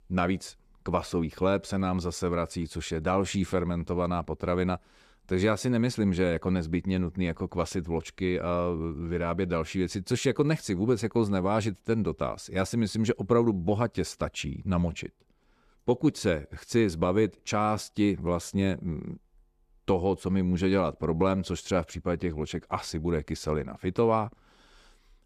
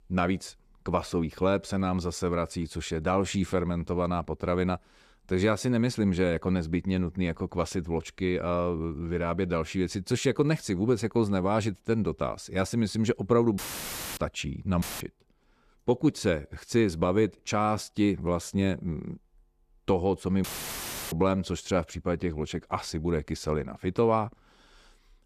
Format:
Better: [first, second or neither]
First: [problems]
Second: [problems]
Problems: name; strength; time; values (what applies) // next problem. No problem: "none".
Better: first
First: none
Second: audio cutting out; filled with static; at 14 s for 0.5 s, at 15 s and at 20 s for 0.5 s